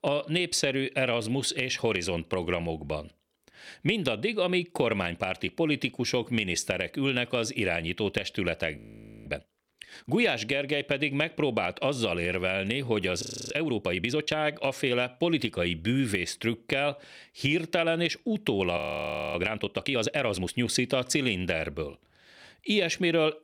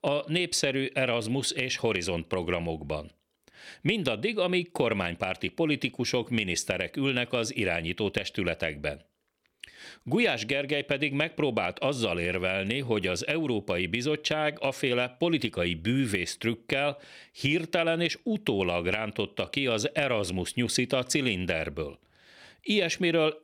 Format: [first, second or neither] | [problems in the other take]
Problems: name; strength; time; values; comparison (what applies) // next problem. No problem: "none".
second | audio freezing; at 9 s, at 13 s and at 19 s for 0.5 s